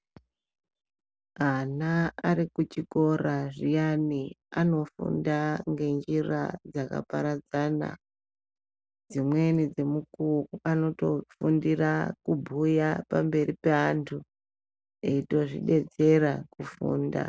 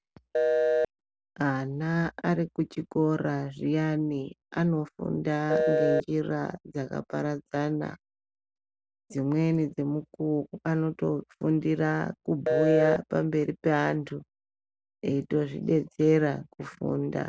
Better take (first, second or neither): first